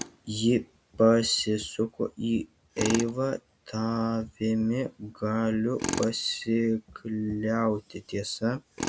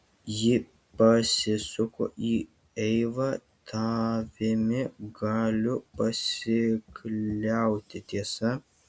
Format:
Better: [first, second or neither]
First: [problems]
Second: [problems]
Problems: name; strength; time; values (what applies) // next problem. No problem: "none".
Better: second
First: background sound (Tools); 12 dB below the speech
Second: none